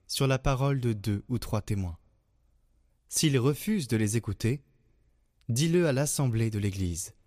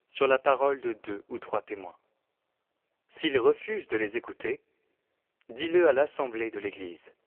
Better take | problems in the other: first | phone-call audio; poor line; nothing above 3 kHz

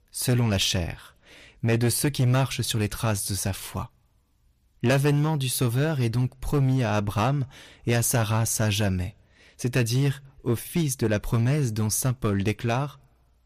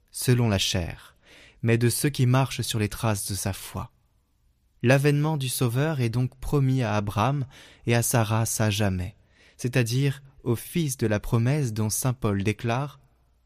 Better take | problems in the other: second | distortion; slight; 5% of the sound clipped

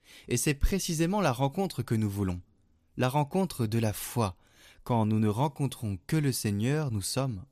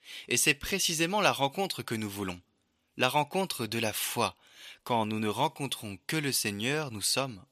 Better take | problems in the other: first | thin; somewhat; fading below 1 kHz

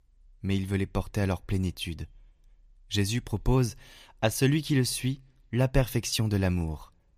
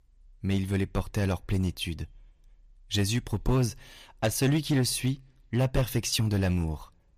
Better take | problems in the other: first | distortion; slight; 4% of the sound clipped

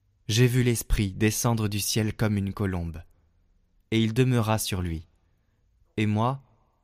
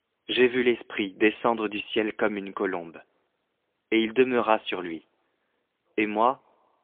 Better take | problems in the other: first | phone-call audio; poor line; nothing above 3.5 kHz

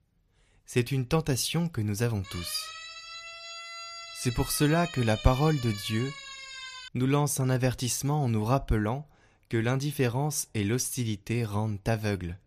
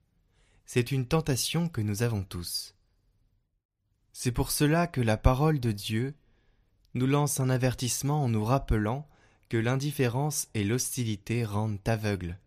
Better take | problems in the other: second | siren; faint; from 2 to 7 s; peak 10 dB below the speech

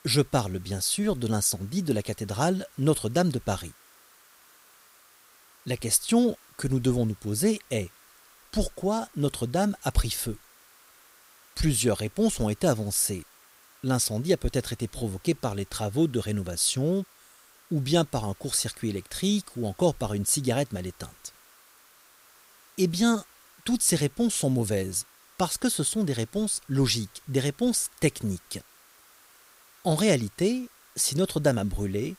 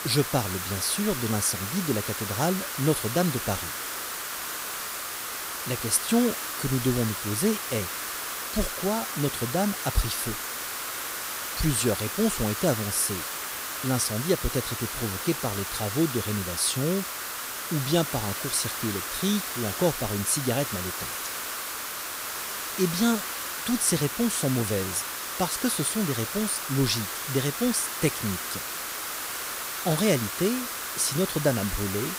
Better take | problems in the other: first | hiss; loud; throughout; 3 dB below the speech; faint in the first

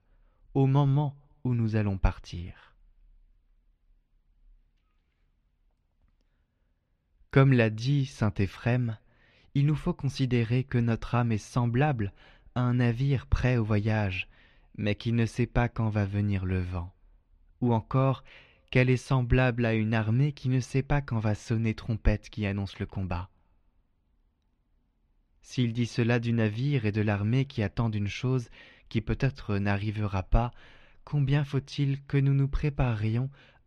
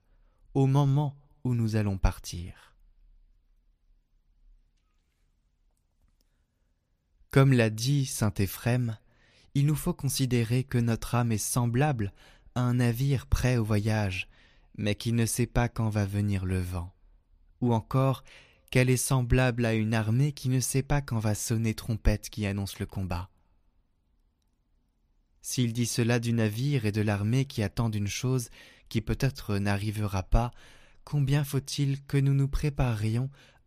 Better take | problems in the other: second | muffled; slightly; fading above 3 kHz

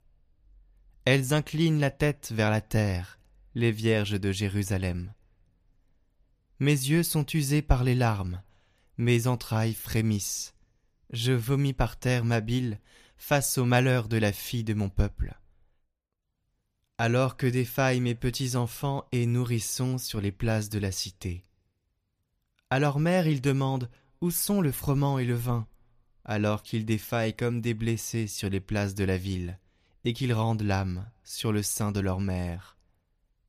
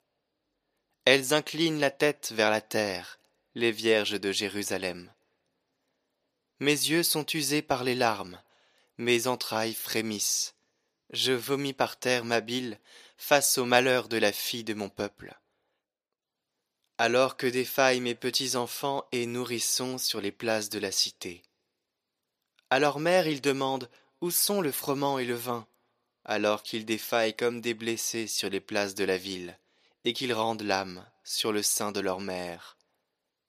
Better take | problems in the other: first | thin; somewhat; fading below 400 Hz

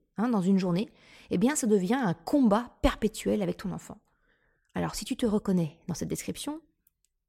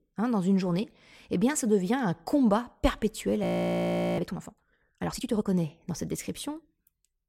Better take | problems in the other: first | audio freezing; at 3.5 s for 0.5 s

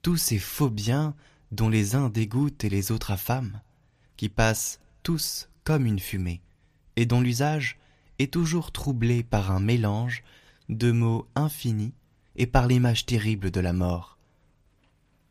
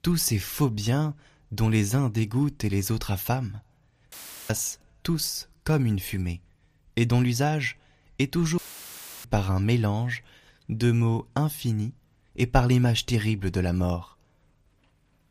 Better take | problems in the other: first | audio cutting out; filled with static; at 4 s and at 8.5 s for 0.5 s

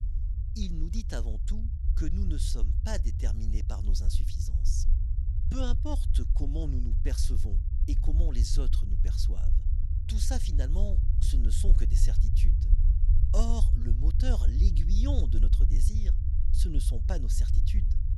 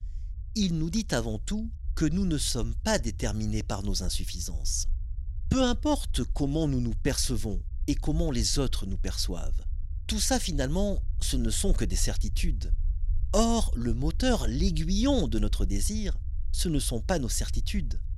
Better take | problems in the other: second | low rumble; loud; throughout; 6 dB below the speech; faint in the second

